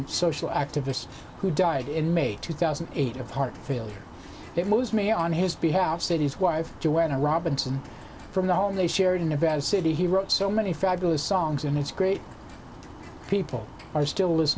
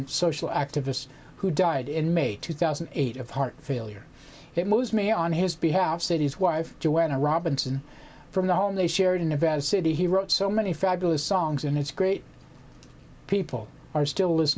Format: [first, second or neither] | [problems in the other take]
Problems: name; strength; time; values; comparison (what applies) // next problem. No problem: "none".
second | background sound (Bird); 17 dB below the speech